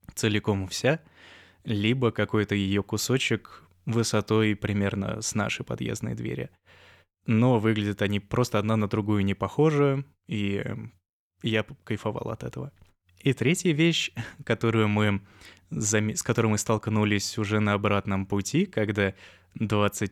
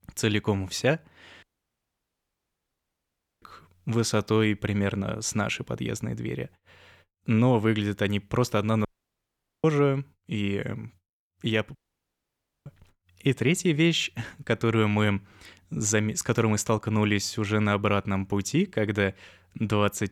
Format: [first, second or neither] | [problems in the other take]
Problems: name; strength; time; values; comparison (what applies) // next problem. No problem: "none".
first | audio cutting out; at 1.5 s for 2 s, at 9 s for 1 s and at 12 s for 1 s